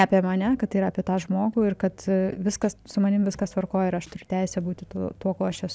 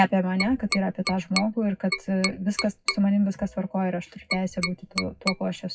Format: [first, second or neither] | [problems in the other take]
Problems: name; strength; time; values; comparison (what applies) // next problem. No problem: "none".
first | noise reduction (classical method WPE with log-MMSE)